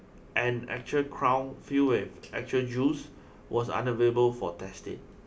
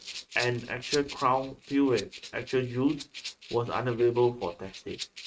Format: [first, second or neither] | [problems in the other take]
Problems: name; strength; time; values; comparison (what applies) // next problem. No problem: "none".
first | noise reduction (neural mask model RNNoise)